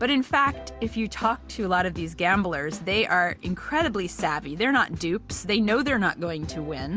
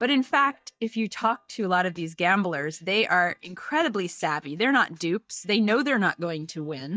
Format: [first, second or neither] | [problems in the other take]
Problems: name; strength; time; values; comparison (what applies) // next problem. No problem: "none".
first | noise reduction (neural mask model DeepFilterNet 3)